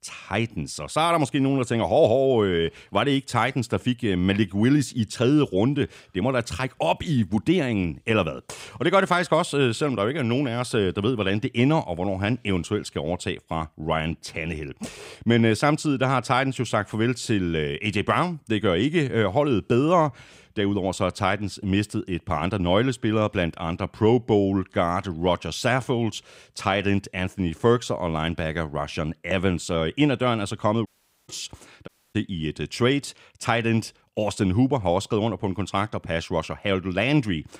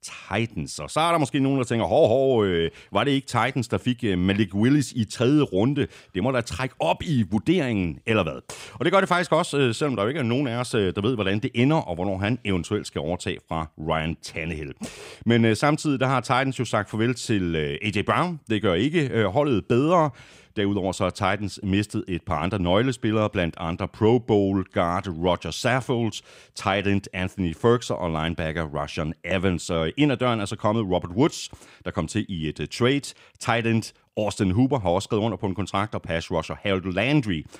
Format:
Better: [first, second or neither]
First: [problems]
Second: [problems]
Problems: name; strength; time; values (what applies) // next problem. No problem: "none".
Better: second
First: audio cutting out; at 31 s and at 32 s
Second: none